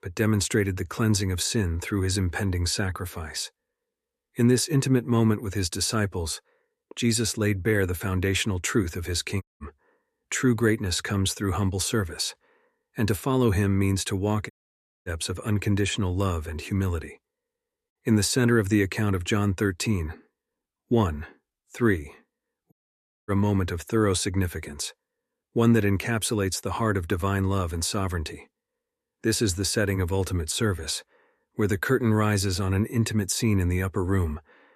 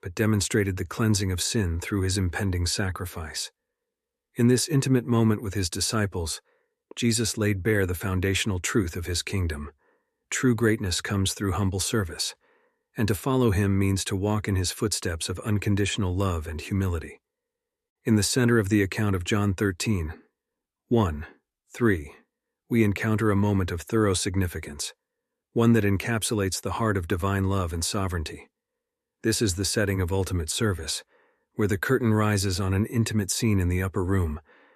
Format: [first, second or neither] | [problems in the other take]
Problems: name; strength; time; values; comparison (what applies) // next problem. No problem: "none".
second | audio cutting out; at 9.5 s, at 15 s for 0.5 s and at 23 s for 0.5 s